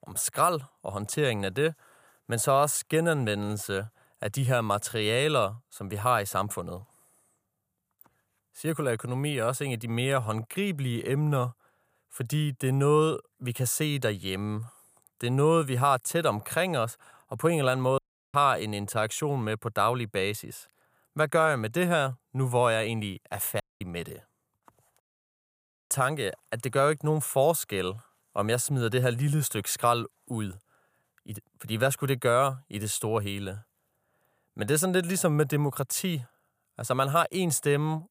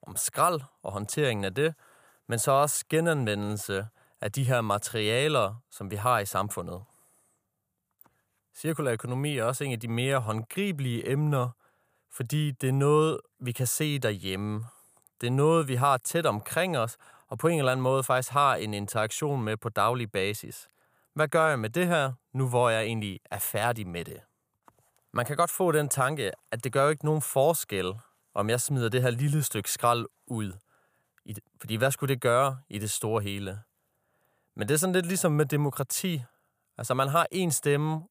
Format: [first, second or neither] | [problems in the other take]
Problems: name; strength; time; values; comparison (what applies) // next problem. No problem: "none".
second | audio cutting out; at 18 s, at 24 s and at 25 s for 1 s